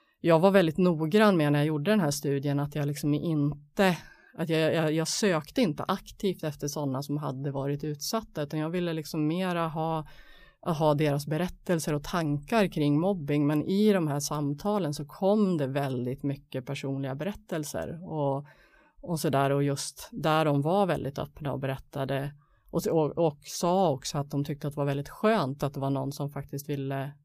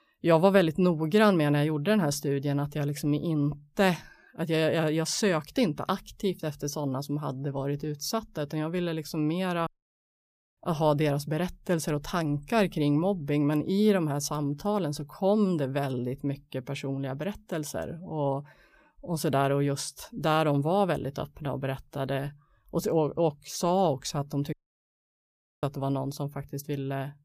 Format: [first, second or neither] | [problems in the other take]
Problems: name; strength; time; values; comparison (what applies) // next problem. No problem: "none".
first | audio cutting out; at 9.5 s for 1 s and at 25 s for 1 s